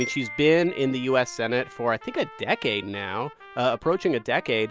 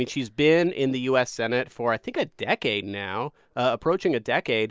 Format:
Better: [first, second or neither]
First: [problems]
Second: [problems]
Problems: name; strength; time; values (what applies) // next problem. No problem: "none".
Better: second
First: background sound (Trumpet + Glockenspiel); 16 dB below the speech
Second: none